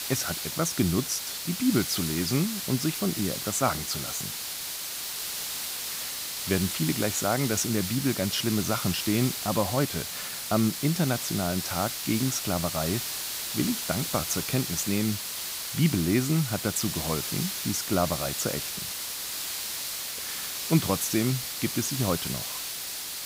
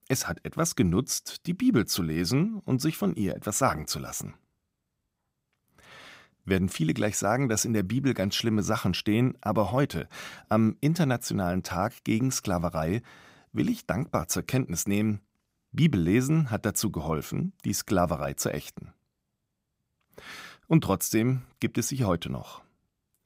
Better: second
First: hiss; loud; throughout; 3 dB below the speech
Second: none

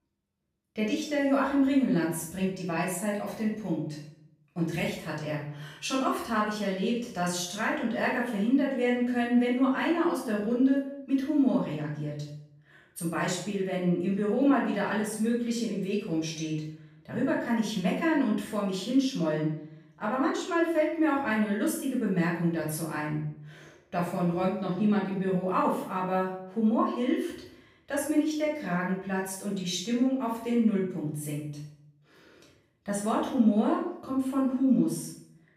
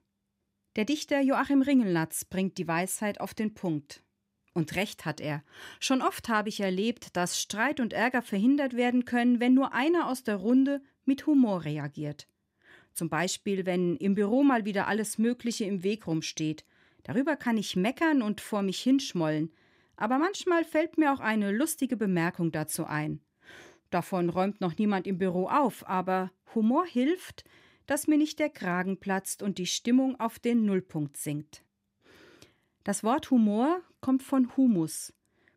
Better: second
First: off-mic speech; far // room echo; noticeable; dies away in 0.6 s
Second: none

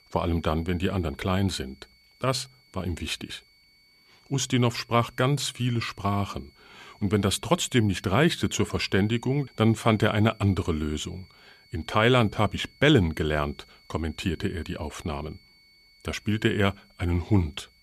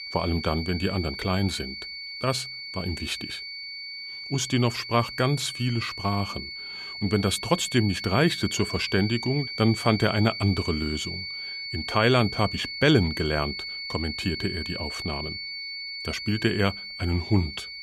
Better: first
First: high-pitched whine; faint; throughout; 4.5 kHz, 30 dB below the speech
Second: high-pitched whine; loud; throughout; 4.5 kHz, 7 dB below the speech

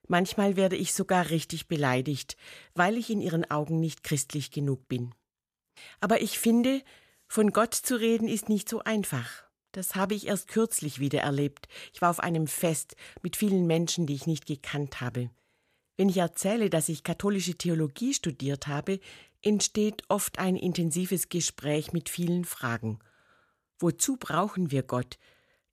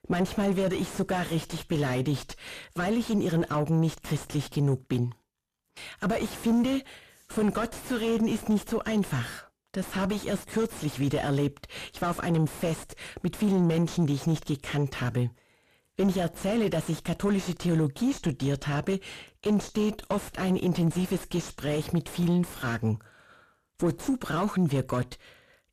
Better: first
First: none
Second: distortion; heavy; 4 dB below the speech

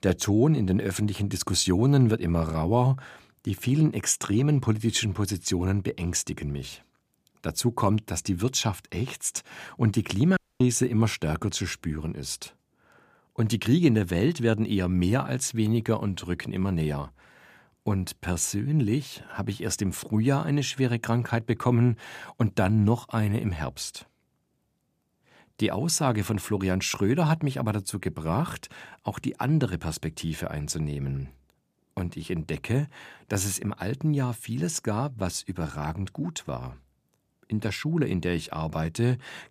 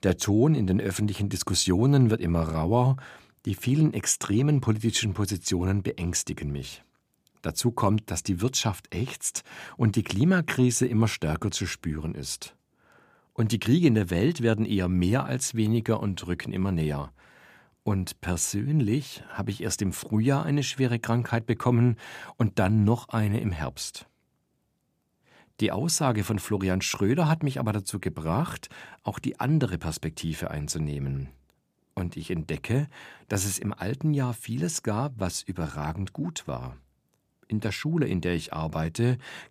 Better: second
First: audio cutting out; at 10 s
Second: none

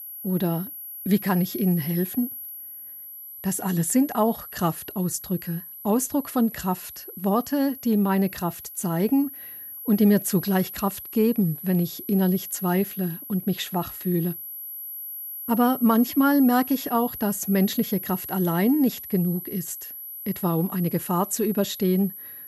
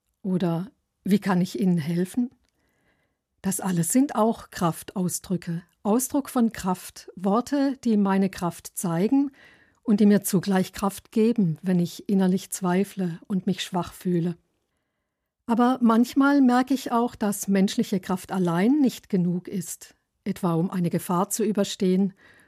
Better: second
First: high-pitched whine; noticeable; throughout; 11.5 kHz, 10 dB below the speech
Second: none

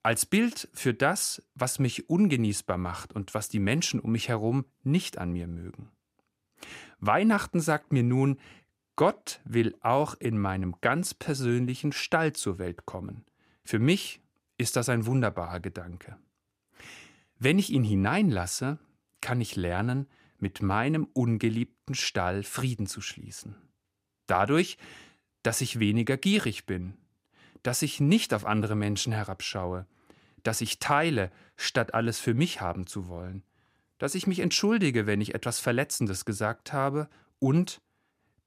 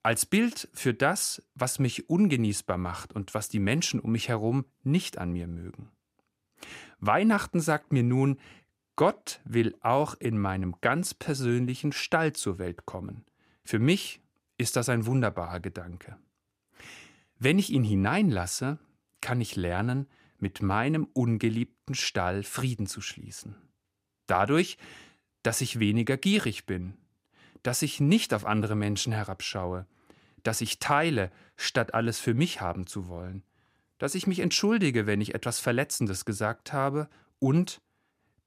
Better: neither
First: none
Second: none

